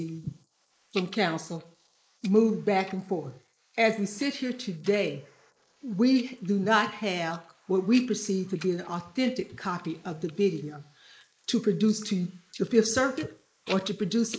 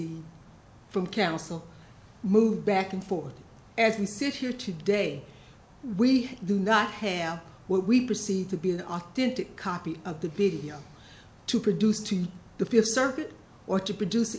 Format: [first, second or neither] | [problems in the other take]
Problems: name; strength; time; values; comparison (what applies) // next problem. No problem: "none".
second | noise reduction (neural mask model Resemble Enhance denoiser)